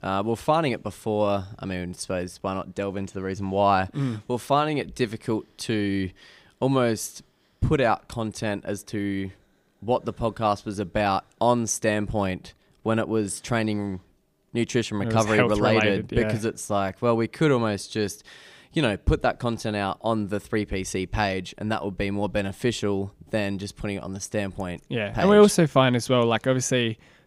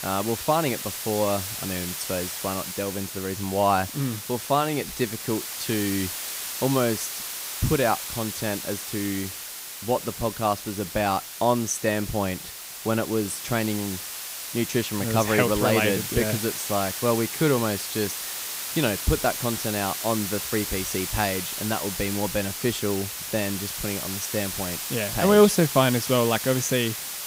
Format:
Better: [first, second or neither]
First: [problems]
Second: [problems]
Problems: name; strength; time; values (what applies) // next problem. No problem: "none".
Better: first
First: none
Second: hiss; loud; throughout; 5 dB below the speech